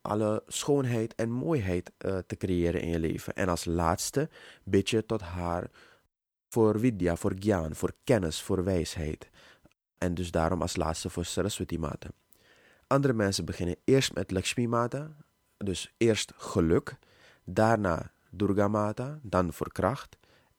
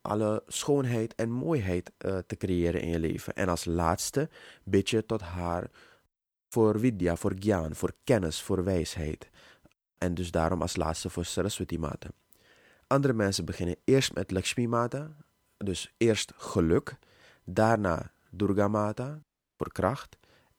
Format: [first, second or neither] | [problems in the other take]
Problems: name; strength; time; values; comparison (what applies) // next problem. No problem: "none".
first | audio cutting out; at 19 s